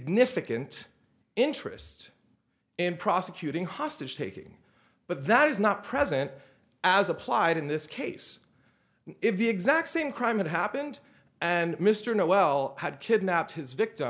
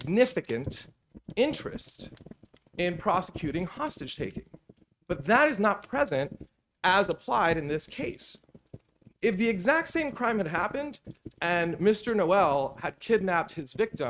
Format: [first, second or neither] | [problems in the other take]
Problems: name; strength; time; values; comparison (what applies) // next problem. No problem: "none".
first | noise reduction (neural mask model RNNoise)